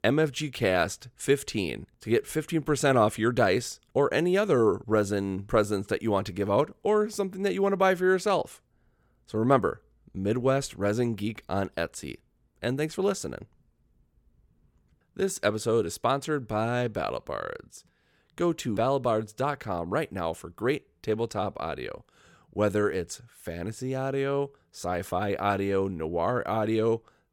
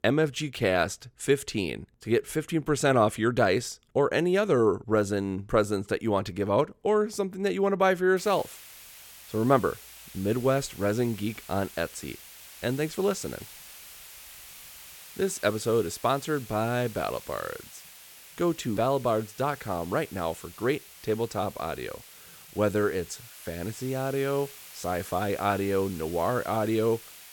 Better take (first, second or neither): first